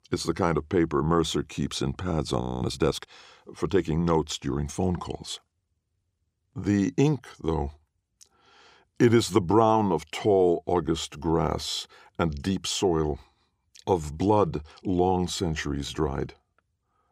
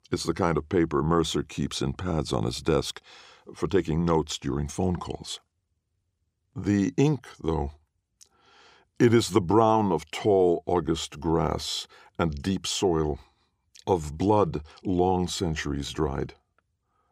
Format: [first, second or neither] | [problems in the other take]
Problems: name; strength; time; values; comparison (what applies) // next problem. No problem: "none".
second | audio freezing; at 2.5 s